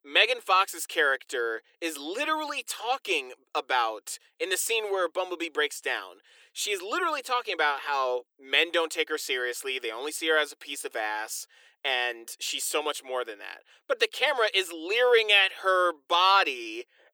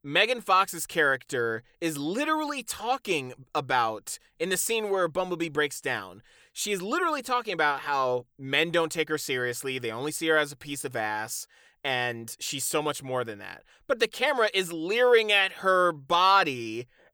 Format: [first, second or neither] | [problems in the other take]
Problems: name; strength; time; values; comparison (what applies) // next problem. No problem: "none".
second | thin; somewhat; fading below 350 Hz